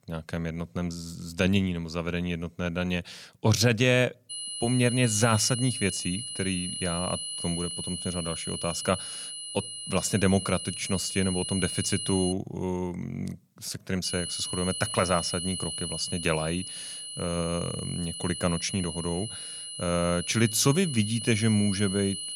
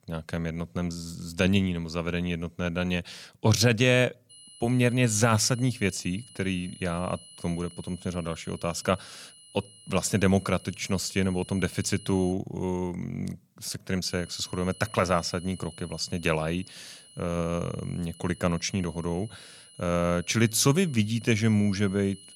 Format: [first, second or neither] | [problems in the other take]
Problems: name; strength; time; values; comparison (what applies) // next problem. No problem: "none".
second | high-pitched whine; loud; from 4.5 to 12 s and from 14 s on; 10 kHz, 5 dB below the speech; faint in the second